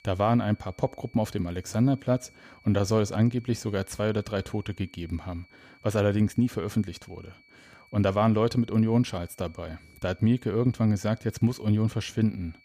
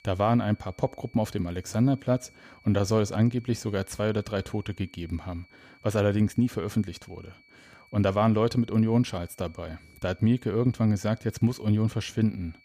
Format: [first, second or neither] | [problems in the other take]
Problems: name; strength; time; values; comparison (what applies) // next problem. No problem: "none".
neither | high-pitched whine; faint; throughout; 2.5 kHz, 30 dB below the speech; the same in both